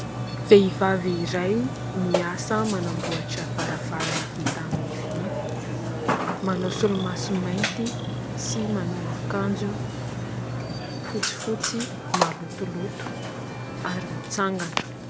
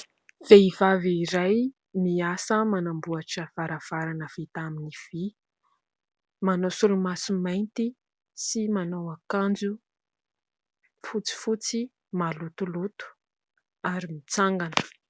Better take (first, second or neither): second